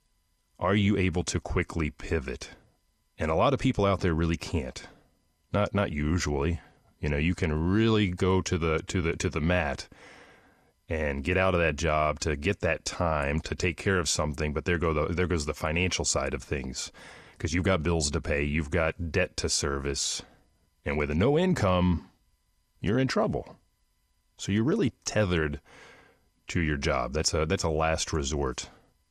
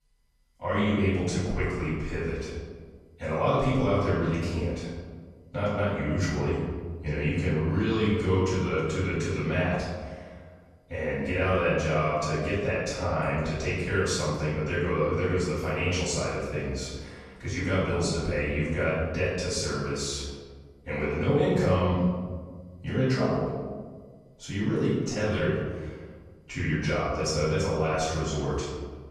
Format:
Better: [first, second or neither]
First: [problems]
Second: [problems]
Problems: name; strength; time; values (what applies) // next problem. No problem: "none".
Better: first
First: none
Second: room echo; strong; dies away in 1.4 s // off-mic speech; far